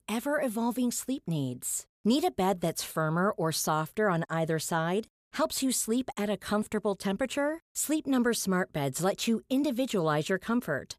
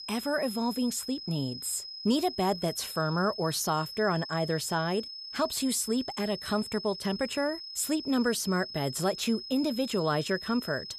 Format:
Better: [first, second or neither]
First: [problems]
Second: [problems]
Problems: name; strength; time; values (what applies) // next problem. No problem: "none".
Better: first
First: none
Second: high-pitched whine; loud; throughout; 5 kHz, 9 dB below the speech